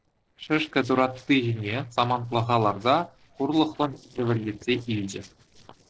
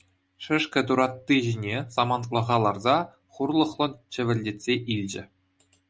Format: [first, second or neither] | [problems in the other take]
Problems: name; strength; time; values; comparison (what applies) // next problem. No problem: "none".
second | noise reduction (neural separator model SepFormer DNS4)